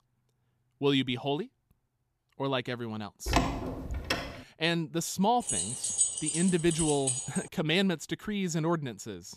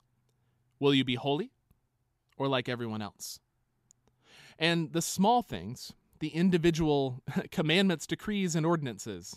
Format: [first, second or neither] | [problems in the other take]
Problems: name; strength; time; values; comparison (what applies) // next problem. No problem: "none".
second | door banging; loud; from 3.5 to 4.5 s; peak 2 dB above the speech // jangling keys; loud; from 5.5 to 7.5 s; peak 4 dB above the speech